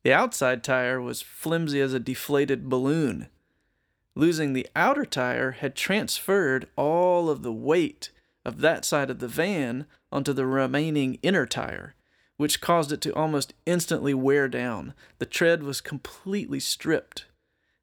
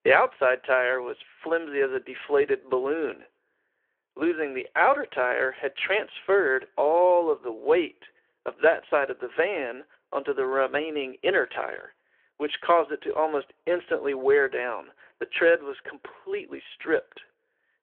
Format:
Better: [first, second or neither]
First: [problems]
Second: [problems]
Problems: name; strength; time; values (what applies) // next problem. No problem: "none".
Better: first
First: none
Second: phone-call audio